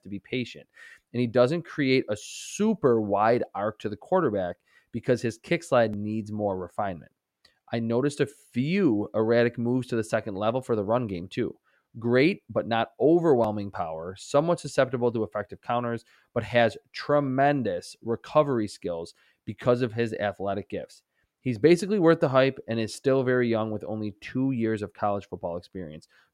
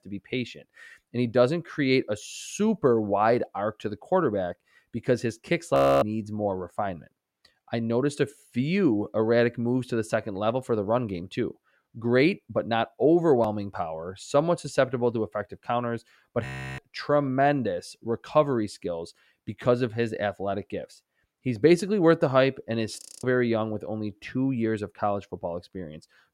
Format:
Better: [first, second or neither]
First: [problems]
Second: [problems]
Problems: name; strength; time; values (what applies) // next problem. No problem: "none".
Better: first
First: none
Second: audio freezing; at 6 s, at 16 s and at 23 s